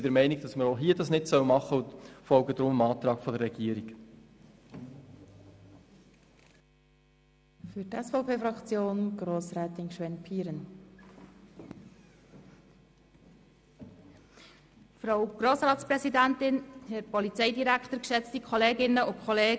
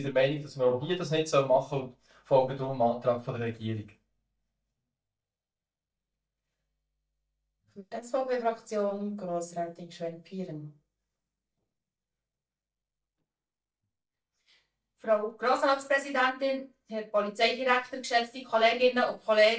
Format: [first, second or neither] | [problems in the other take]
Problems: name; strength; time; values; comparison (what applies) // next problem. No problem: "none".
first | noise reduction (neural mask model DeepFilterNet 3)